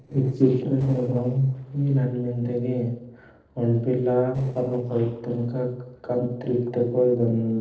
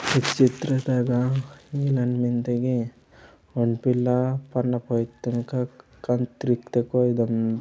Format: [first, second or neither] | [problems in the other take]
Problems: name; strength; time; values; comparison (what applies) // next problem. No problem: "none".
second | noise reduction (neural separator model SepFormer DNS4)